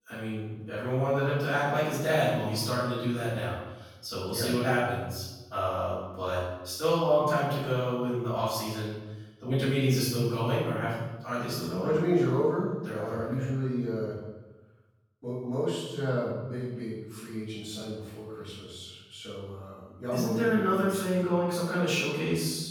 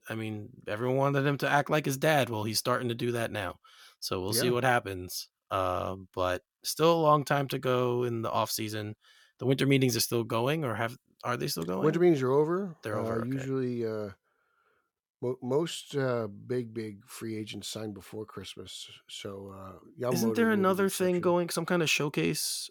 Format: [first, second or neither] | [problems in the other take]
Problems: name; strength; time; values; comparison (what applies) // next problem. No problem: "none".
second | room echo; strong; dies away in 1 s // off-mic speech; far